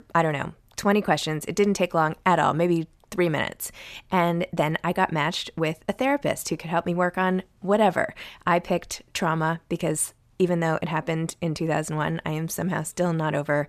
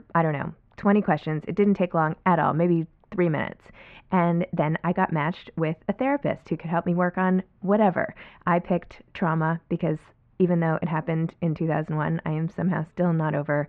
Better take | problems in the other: first | muffled; very; fading above 2 kHz

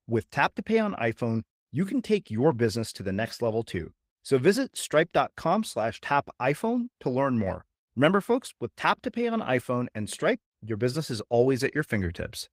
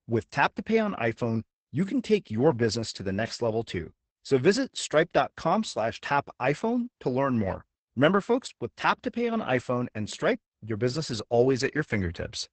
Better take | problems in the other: first | garbled, watery; badly; nothing above 8 kHz; slightly in the first

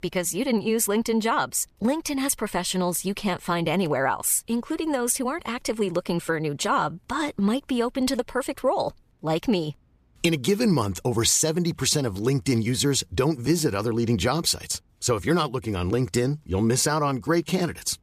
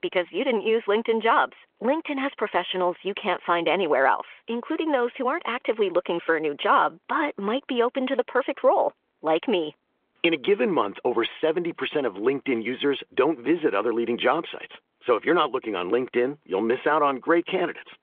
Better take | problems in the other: first | phone-call audio; nothing above 3.5 kHz

